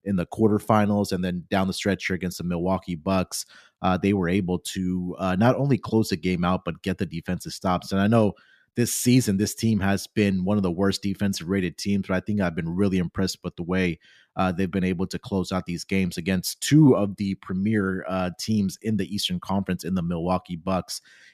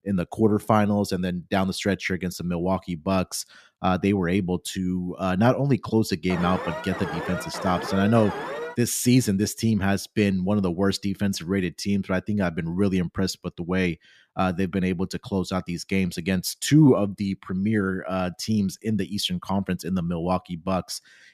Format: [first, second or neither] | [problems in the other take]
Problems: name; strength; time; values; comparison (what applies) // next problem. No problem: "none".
first | alarm; noticeable; from 6.5 to 9 s; peak 7 dB below the speech